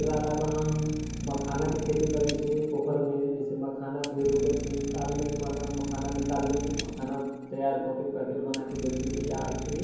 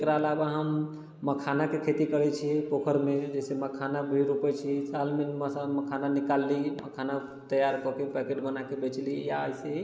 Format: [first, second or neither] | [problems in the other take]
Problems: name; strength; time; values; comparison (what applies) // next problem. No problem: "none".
second | background sound (Idling); 7 dB below the speech // room echo; dies away in 1 s